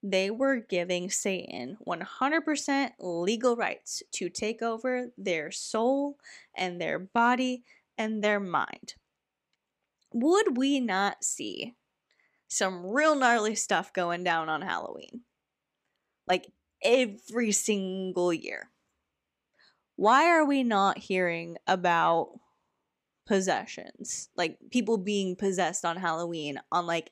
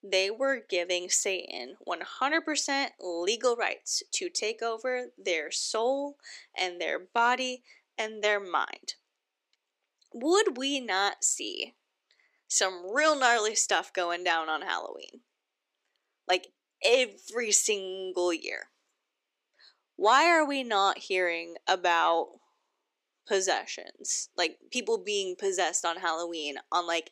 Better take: first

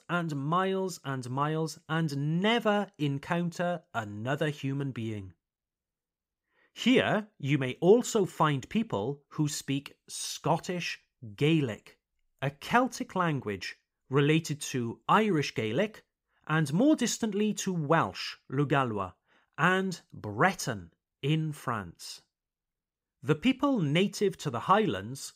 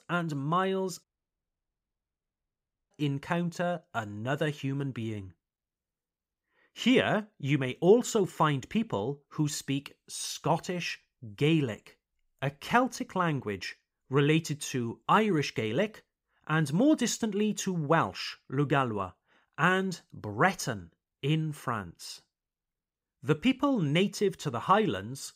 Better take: first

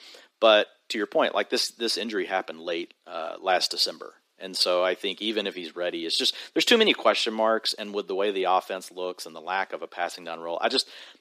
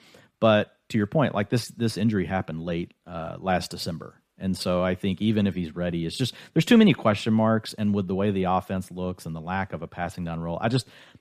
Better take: second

